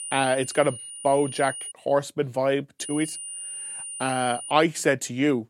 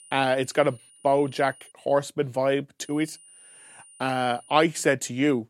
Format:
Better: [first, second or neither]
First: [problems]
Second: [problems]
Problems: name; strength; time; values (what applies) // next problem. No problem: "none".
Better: second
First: high-pitched whine; loud; until 1.5 s and from 3 to 4.5 s; 9.5 kHz, 9 dB below the speech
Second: high-pitched whine; faint; until 1.5 s and from 3 to 4.5 s; 9.5 kHz, 25 dB below the speech